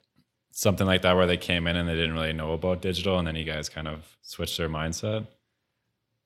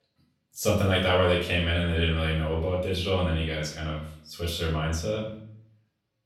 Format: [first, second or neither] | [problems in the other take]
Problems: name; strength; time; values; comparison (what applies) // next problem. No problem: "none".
first | off-mic speech; far // room echo; noticeable; dies away in 0.5 s